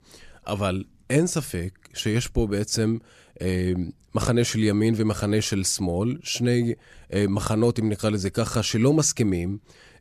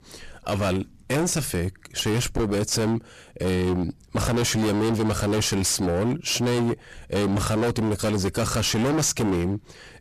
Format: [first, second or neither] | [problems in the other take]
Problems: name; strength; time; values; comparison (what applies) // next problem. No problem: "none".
first | distortion; heavy; 30% of the sound clipped